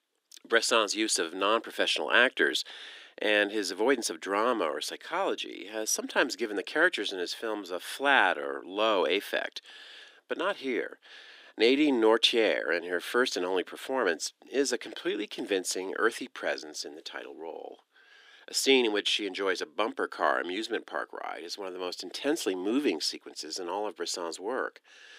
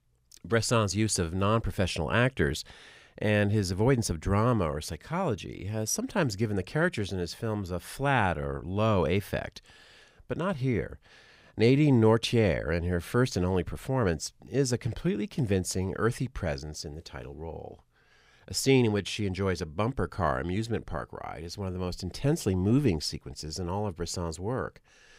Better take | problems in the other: second | thin; somewhat; fading below 300 Hz

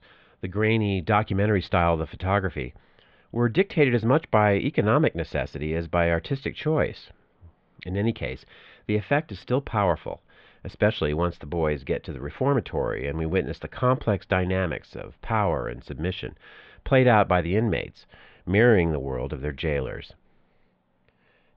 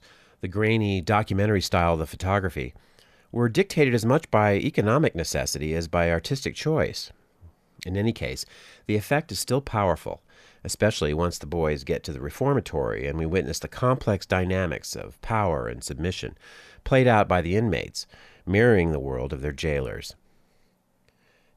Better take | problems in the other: second | muffled; very; fading above 3.5 kHz

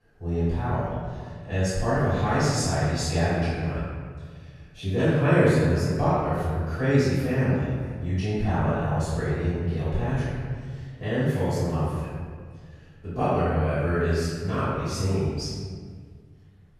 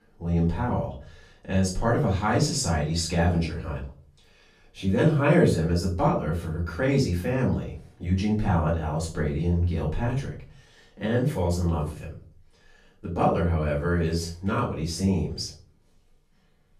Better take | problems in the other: second | room echo; strong; dies away in 1.8 s; slight in the second // off-mic speech; far; far in the second

